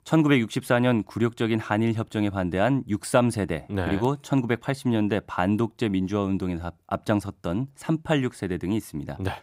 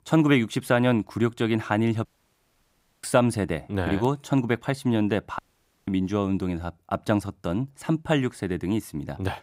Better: first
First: none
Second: audio cutting out; at 2 s for 1 s and at 5.5 s

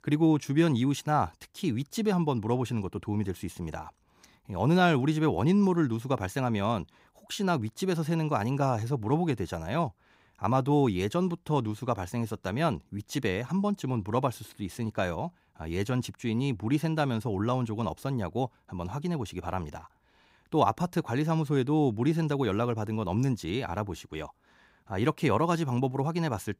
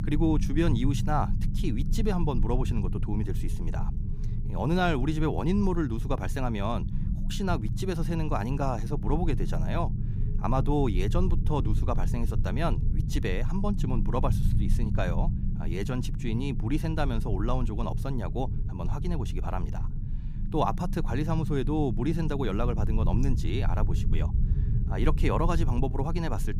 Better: first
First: none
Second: low rumble; noticeable; throughout; 10 dB below the speech

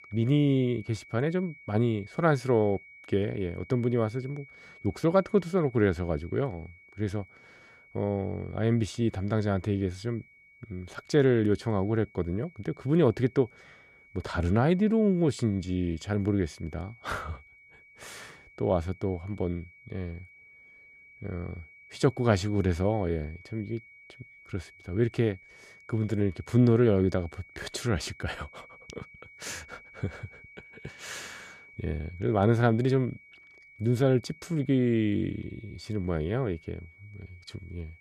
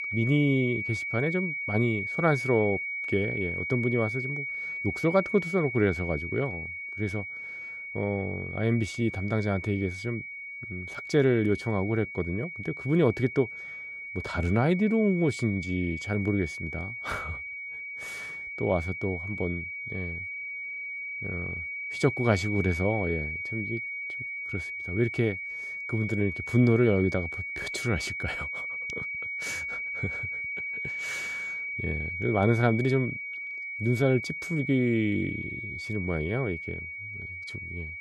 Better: first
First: high-pitched whine; faint; throughout; 2.5 kHz, 25 dB below the speech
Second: high-pitched whine; loud; throughout; 2.5 kHz, 5 dB below the speech

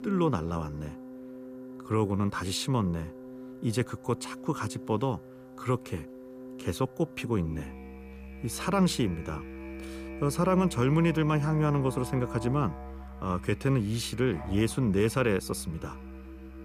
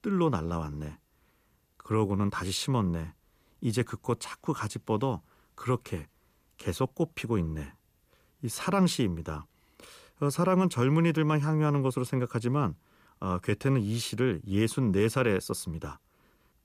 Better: second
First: background music; noticeable; throughout; 15 dB below the speech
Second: none

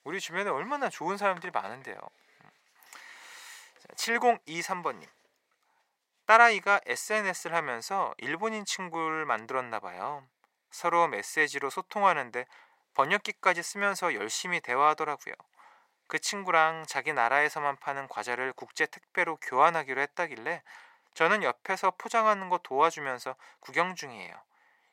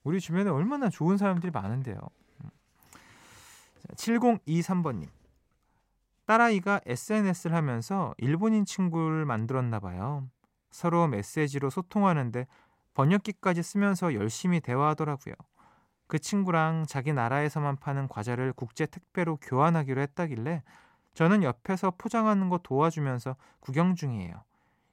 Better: second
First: thin; very; fading below 650 Hz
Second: none

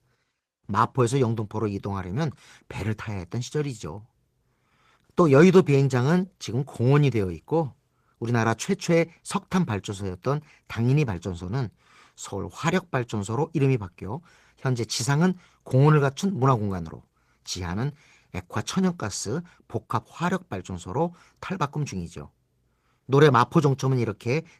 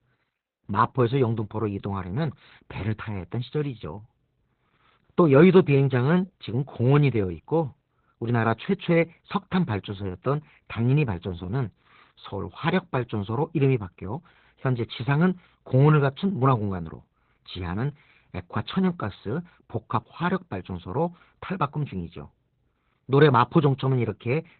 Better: first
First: garbled, watery; slightly; nothing above 14.5 kHz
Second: garbled, watery; badly; nothing above 4 kHz

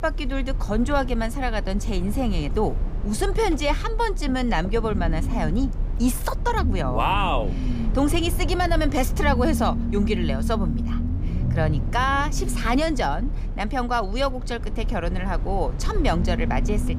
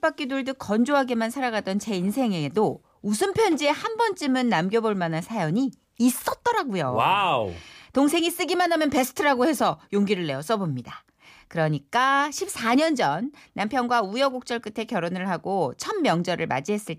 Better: second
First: low rumble; noticeable; throughout; 15 dB below the speech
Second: none

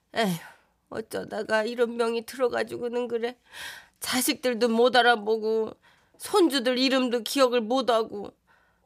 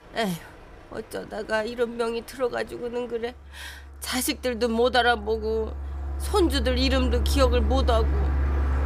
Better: first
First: none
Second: traffic noise; loud; throughout; 2 dB below the speech

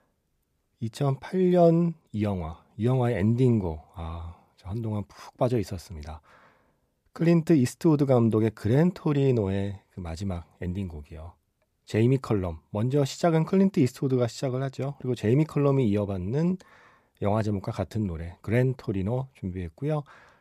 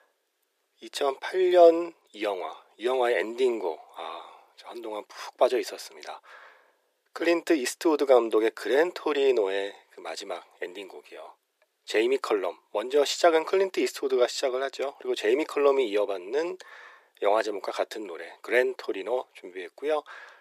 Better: first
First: none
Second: thin; very; fading below 350 Hz

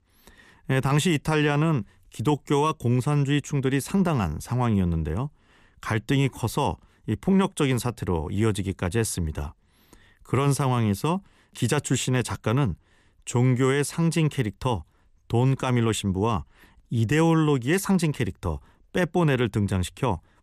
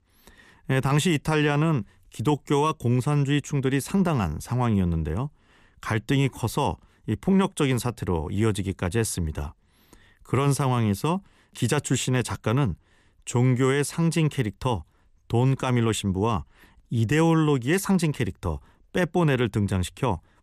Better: neither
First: none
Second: none

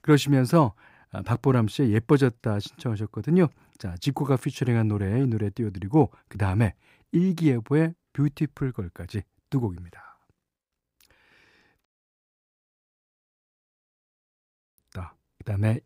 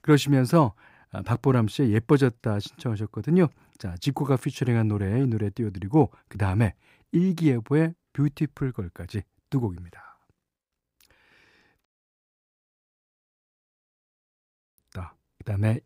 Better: neither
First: audio cutting out; at 12 s for 3 s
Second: audio cutting out; at 12 s for 3 s

